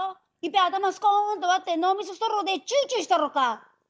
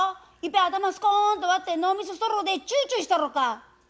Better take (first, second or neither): second